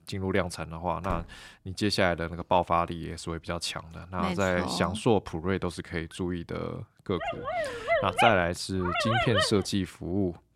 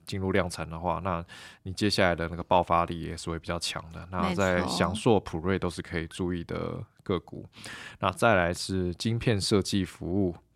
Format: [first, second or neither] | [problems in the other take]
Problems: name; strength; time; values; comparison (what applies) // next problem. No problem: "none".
second | door banging; faint; at 1 s; peak 10 dB below the speech // dog barking; loud; from 7 to 9.5 s; peak 4 dB above the speech